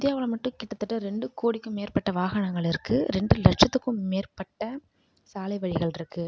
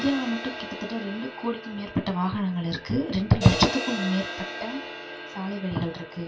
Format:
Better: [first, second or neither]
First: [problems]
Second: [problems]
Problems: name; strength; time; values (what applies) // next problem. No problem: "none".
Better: first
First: none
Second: background sound (Crash cymbal); 9 dB below the speech // room echo; dies away in 0.2 s